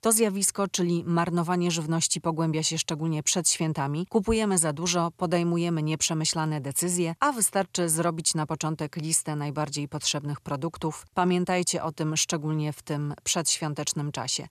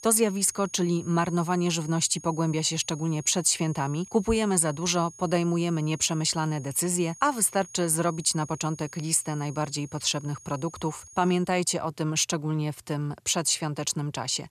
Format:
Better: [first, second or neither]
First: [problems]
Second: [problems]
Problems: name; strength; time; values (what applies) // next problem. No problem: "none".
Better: first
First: none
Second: high-pitched whine; noticeable; until 11 s; 6.5 kHz, 20 dB below the speech